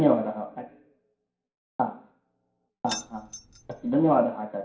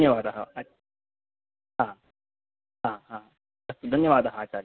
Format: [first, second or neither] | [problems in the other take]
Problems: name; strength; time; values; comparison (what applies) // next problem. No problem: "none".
second | background sound (Keys jangling); 13 dB below the speech // room echo; dies away in 0.5 s